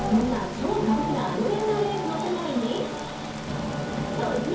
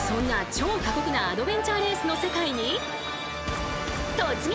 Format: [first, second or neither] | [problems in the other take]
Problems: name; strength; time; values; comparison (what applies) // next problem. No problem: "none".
second | background sound (Rain); 14 dB below the speech // room echo; dies away in 0.6 s